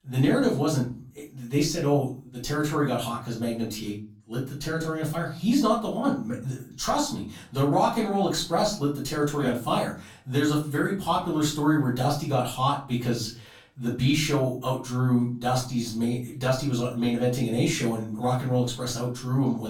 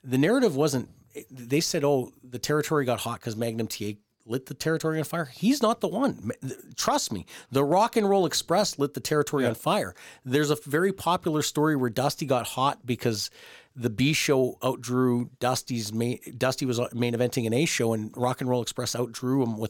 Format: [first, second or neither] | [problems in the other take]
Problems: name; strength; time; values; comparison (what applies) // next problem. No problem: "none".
second | off-mic speech; far // room echo; slight; dies away in 0.3 s